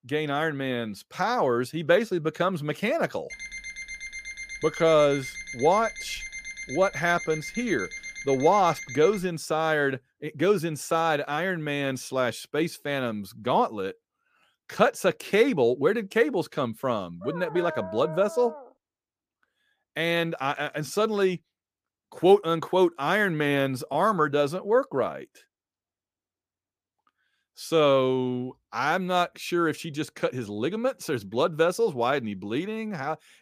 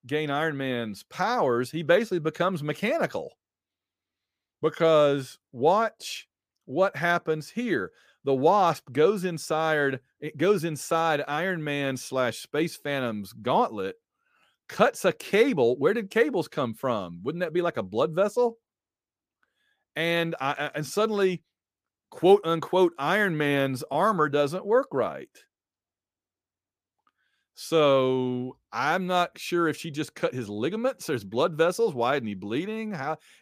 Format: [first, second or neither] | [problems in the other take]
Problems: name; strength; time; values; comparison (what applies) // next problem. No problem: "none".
second | alarm; noticeable; from 3.5 to 9.5 s; peak 10 dB below the speech // dog barking; noticeable; from 17 to 19 s; peak 10 dB below the speech